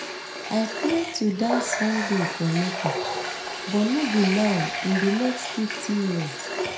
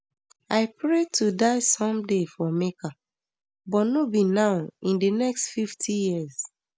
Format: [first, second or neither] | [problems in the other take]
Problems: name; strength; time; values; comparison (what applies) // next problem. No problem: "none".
second | background sound (Water tap, faucet); 5 dB below the speech // room echo; dies away in 0.5 s